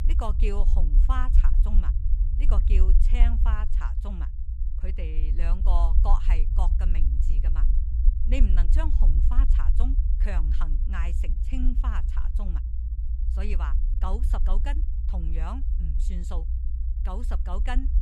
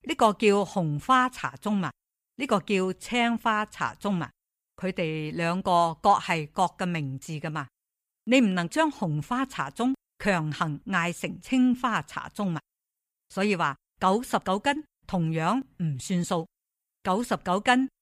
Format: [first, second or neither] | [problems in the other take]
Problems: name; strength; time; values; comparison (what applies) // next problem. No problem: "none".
second | low rumble; loud; throughout; 8 dB below the speech